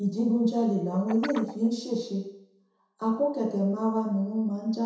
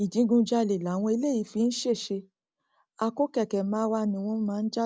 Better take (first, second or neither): second